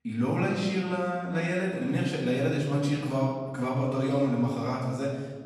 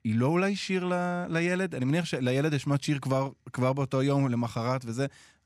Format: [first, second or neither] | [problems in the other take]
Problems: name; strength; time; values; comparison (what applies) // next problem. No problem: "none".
second | off-mic speech; far // room echo; noticeable; dies away in 1.2 s